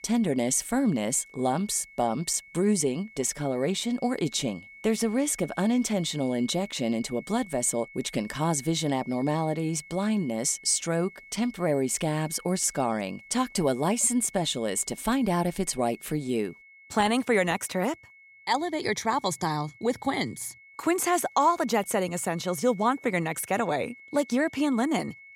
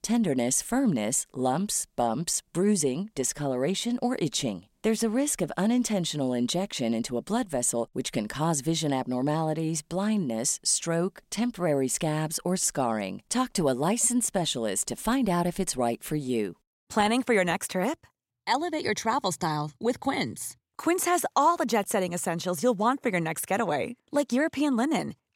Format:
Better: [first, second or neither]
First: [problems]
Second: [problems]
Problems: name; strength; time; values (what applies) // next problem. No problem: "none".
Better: second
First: high-pitched whine; faint; throughout; 2 kHz, 20 dB below the speech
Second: none